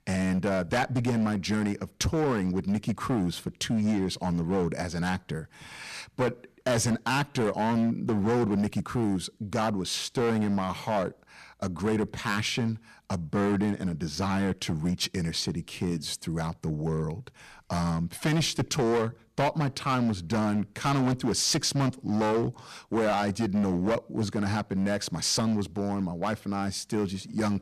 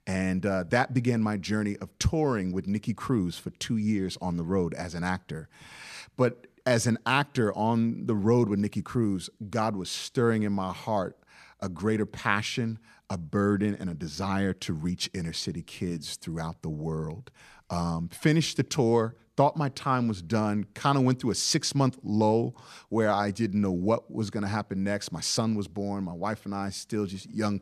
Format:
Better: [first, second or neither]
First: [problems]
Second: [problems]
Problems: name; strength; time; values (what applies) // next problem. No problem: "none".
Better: second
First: distortion; heavy; 11% of the sound clipped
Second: none